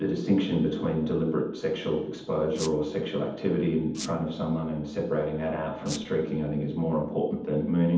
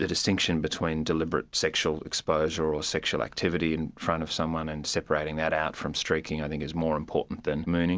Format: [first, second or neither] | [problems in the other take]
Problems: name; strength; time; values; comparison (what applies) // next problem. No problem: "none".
second | background sound (Squeak); 14 dB below the speech // room echo; dies away in 0.8 s